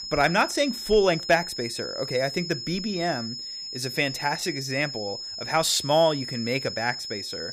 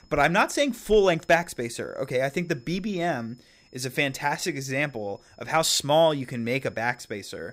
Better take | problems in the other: second | high-pitched whine; loud; throughout; 5 kHz, 7 dB below the speech; faint in the second

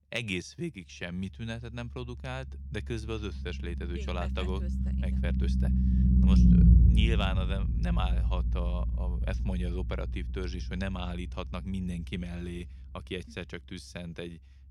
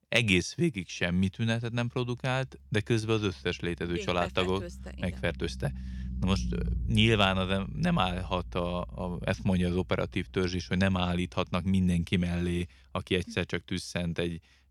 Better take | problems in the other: second | low rumble; loud; throughout; 1 dB below the speech; faint in the second

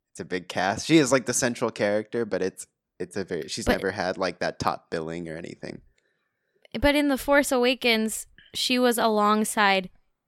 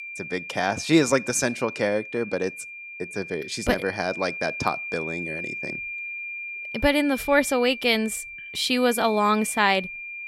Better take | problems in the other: first | high-pitched whine; loud; throughout; 2.5 kHz, 9 dB below the speech

